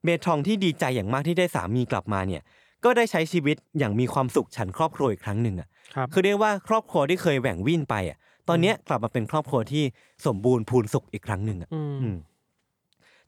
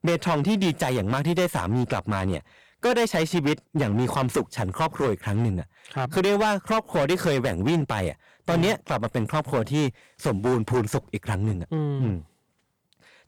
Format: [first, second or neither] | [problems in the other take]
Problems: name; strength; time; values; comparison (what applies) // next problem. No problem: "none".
first | distortion; heavy; 12% of the sound clipped